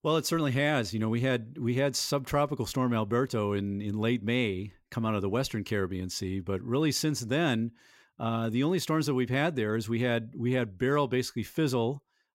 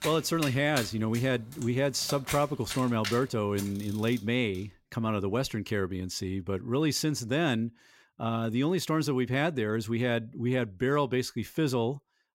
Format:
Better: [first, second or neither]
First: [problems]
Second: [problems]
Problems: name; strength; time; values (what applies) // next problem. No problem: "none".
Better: first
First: none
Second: household noises; noticeable; until 4.5 s; 10 dB below the speech